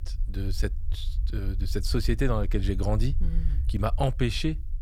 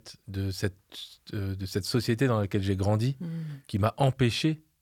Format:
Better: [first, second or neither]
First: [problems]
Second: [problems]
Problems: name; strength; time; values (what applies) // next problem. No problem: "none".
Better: second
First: low rumble; noticeable; throughout; 20 dB below the speech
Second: none